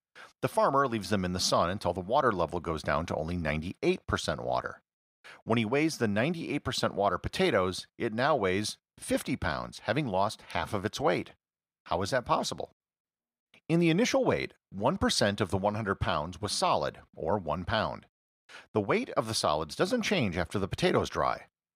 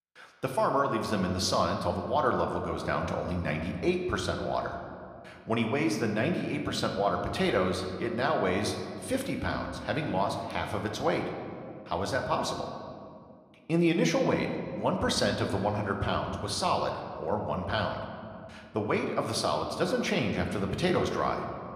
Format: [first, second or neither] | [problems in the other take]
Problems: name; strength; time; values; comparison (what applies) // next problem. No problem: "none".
first | room echo; slight; dies away in 1.9 s